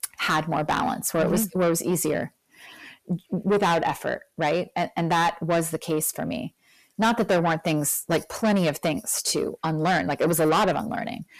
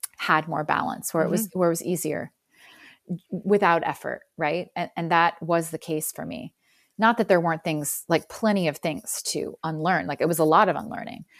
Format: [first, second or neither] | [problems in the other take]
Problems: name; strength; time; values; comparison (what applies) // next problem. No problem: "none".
second | distortion; heavy; 7 dB below the speech